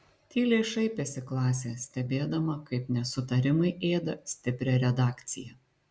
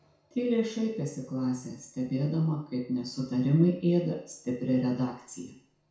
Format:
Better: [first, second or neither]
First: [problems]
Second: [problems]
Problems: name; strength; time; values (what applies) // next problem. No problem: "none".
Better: first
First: none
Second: room echo; dies away in 0.6 s